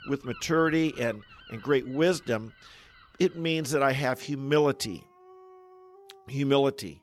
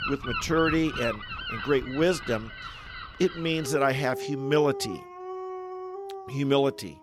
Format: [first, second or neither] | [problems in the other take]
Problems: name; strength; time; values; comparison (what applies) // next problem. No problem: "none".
first | animal sounds; loud; throughout; 9 dB below the speech; faint in the first